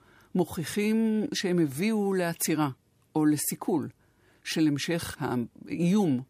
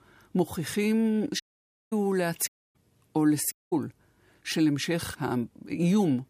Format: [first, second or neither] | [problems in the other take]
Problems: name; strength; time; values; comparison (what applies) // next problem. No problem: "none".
first | audio cutting out; at 1.5 s for 0.5 s, at 2.5 s and at 3.5 s